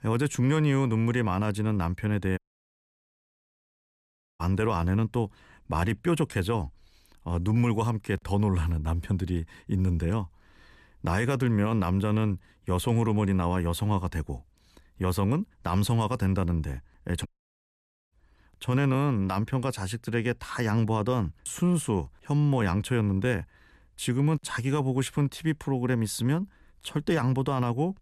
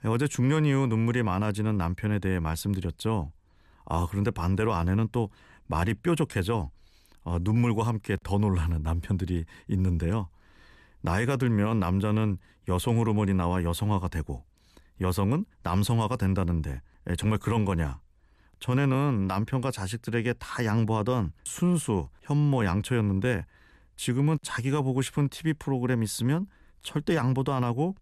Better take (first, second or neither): second